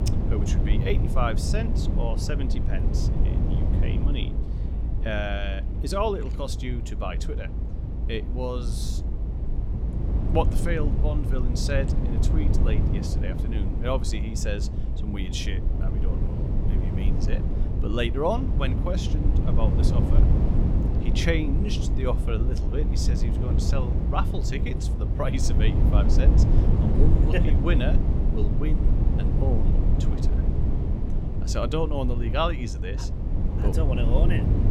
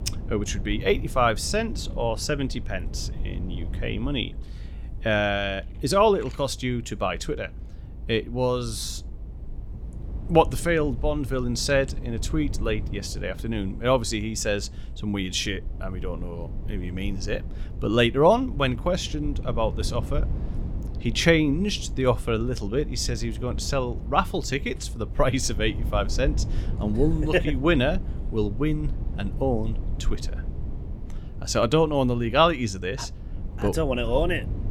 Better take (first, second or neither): second